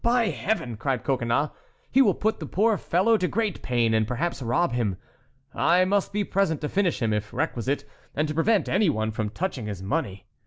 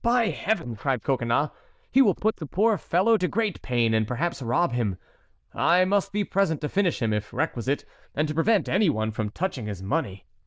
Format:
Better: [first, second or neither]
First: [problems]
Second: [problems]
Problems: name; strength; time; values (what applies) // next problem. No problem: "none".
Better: first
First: none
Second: noise reduction (neural diffusion model UNIVERSE++)